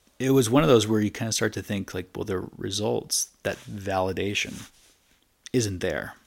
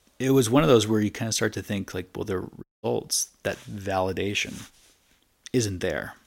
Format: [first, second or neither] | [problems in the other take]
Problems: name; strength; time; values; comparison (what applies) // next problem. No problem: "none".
first | audio cutting out; at 2.5 s